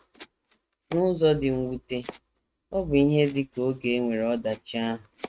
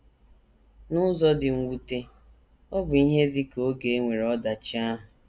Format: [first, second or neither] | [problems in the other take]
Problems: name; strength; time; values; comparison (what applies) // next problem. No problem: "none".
second | noise reduction (neural mask model RNNoise)